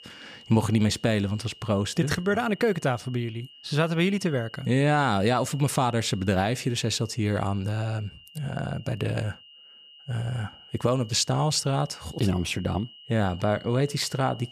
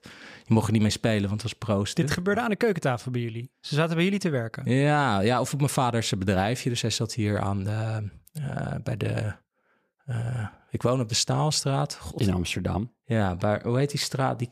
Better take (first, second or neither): second